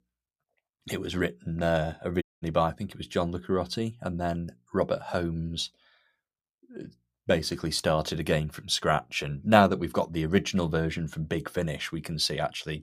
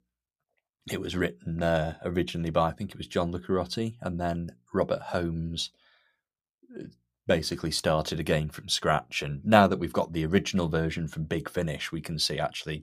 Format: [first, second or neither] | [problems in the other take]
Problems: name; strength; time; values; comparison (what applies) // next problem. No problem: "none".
second | audio cutting out; at 2 s